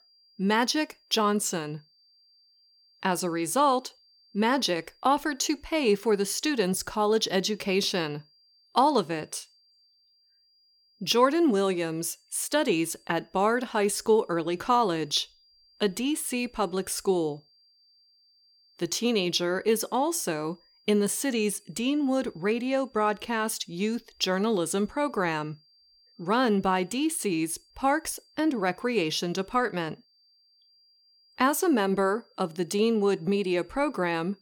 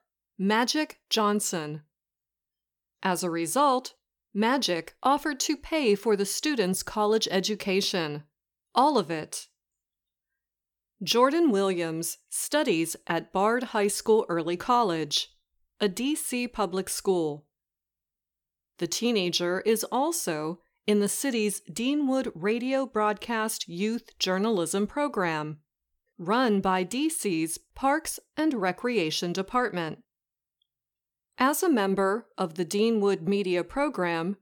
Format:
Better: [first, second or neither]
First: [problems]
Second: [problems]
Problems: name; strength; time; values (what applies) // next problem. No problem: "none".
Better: second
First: high-pitched whine; faint; throughout; 4.5 kHz, 35 dB below the speech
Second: none